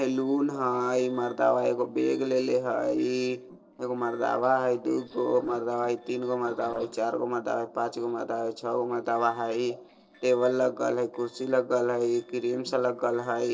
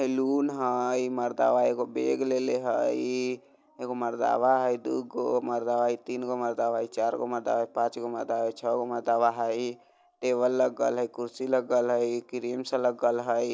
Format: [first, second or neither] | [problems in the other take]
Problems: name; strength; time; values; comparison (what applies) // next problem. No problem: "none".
second | noise reduction (neural separator model SepFormer DNS4)